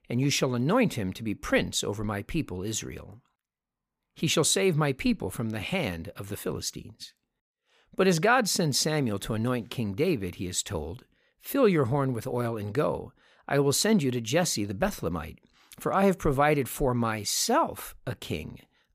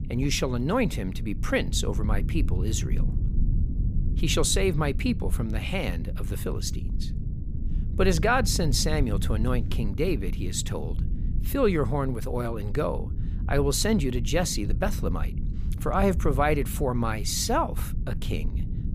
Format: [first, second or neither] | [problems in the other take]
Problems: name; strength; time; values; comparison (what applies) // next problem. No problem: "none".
first | low rumble; noticeable; throughout; 15 dB below the speech